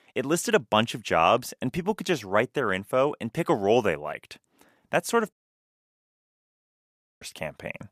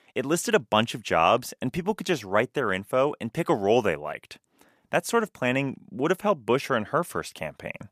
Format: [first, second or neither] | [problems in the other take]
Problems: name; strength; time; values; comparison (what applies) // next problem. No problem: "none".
second | audio cutting out; at 5.5 s for 2 s